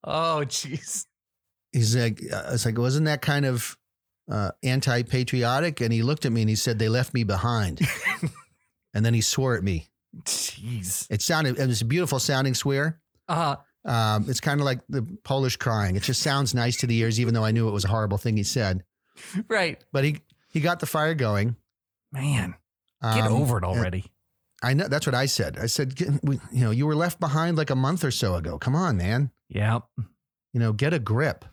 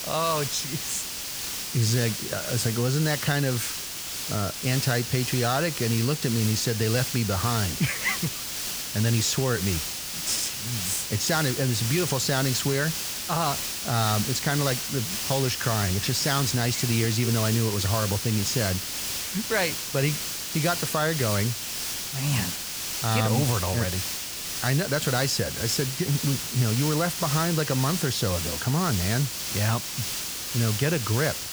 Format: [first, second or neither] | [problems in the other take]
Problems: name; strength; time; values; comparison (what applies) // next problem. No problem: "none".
first | hiss; loud; throughout; 3 dB below the speech